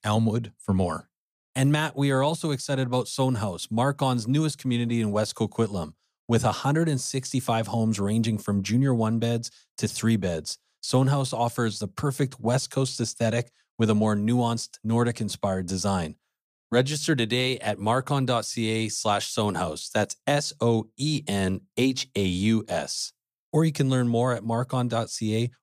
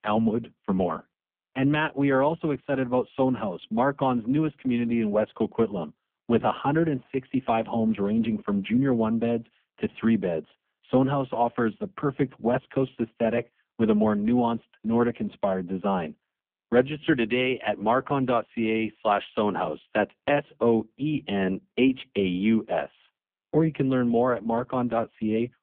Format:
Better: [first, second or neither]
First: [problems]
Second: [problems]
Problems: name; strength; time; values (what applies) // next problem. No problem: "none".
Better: first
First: none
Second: phone-call audio; poor line